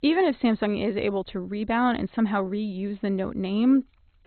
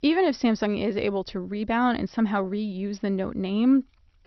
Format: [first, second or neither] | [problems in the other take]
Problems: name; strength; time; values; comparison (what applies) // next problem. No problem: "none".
second | garbled, watery; badly; nothing above 4 kHz; slightly in the second